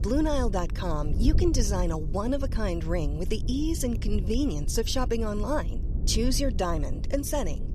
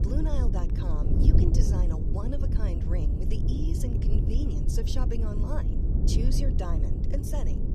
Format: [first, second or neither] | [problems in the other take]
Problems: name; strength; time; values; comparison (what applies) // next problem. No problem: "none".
first | wind noise on the microphone; heavy; 1 dB below the speech; occasional gusts in the first